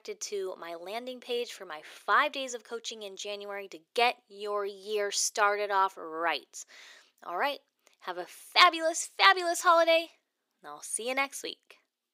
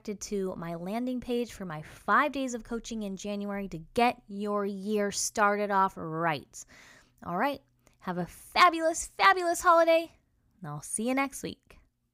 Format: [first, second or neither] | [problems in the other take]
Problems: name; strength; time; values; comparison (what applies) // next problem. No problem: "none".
second | thin; very; fading below 400 Hz